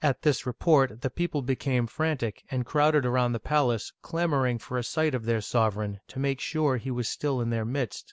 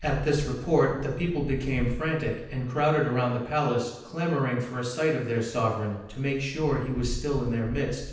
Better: first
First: none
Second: background sound (Wind); 11 dB below the speech // room echo; dies away in 0.9 s

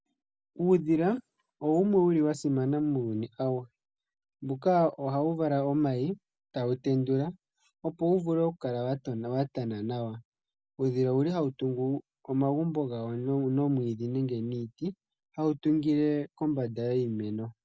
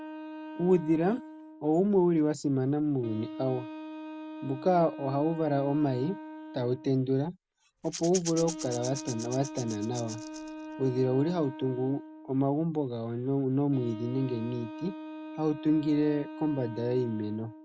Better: first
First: none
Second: background sound (Rattle / Rattle (instrument) + Wind instrument, woodwind instrument); 12 dB below the speech

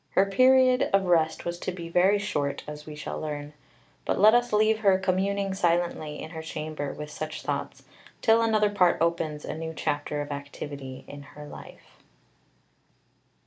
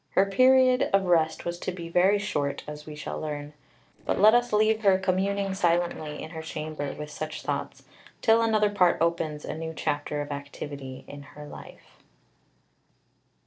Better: first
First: none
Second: noise reduction (neural separator model SepFormer DNS4)

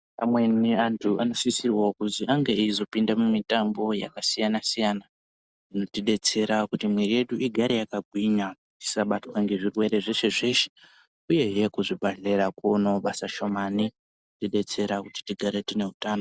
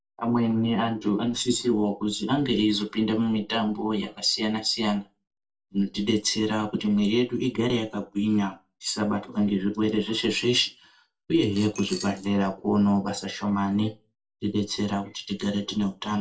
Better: first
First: none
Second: noise reduction (neural separator model SepFormer DNS4)

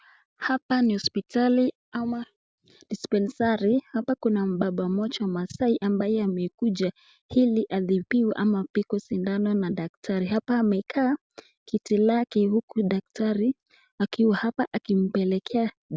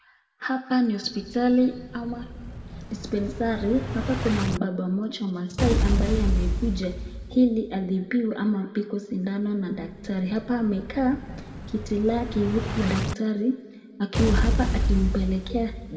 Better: first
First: none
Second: background sound (Explosion); 3 dB below the speech // room echo; dies away in 1.7 s

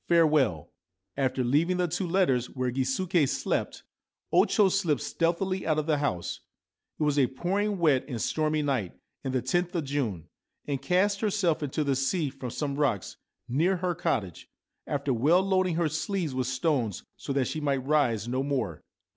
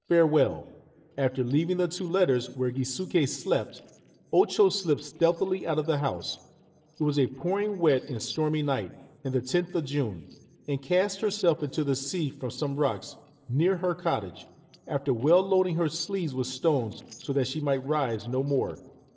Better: first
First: none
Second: noise reduction (neural separator model SepFormer DNS4)

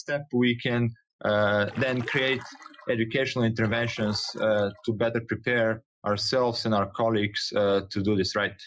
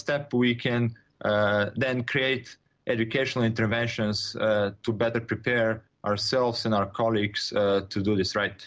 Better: second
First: noise reduction (classical method Wiener filter)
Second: none

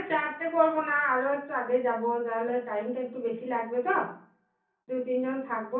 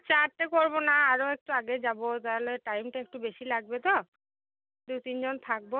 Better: second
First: room echo; dies away in 0.6 s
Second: none

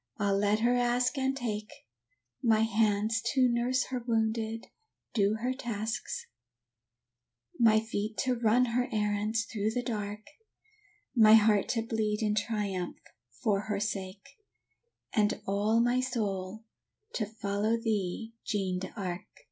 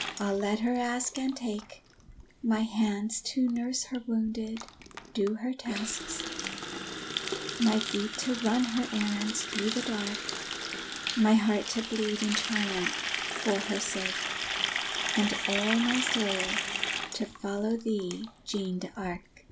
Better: first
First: none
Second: background sound (Water tap, faucet); 5 dB below the speech

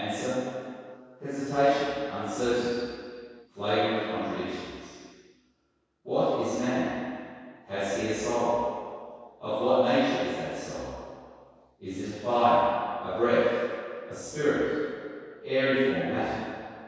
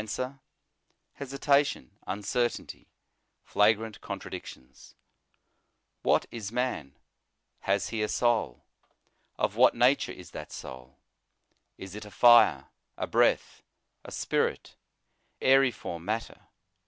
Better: second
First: room echo; dies away in 2 s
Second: none

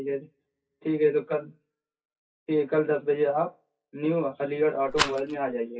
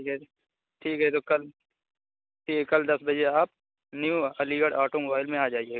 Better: second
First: noise reduction (classical method WPE with log-MMSE)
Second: none

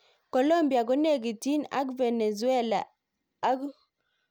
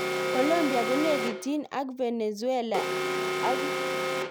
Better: first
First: none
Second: background sound (Alarm); 1 dB below the speech

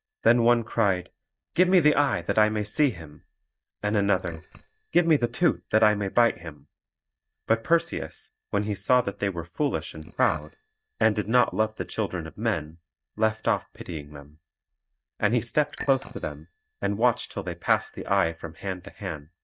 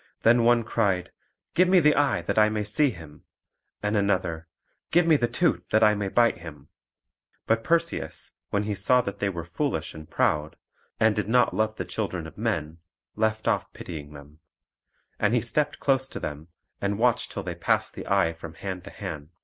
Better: second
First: noise reduction (neural mask model DeepFilterNet 3)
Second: none

